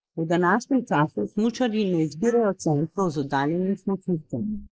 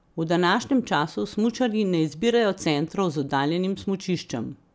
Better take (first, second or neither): second